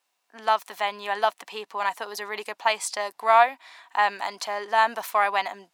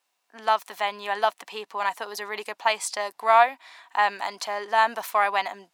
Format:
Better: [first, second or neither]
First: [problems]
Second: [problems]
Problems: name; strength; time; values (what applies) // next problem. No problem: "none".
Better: neither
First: thin; very; fading below 900 Hz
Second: thin; very; fading below 900 Hz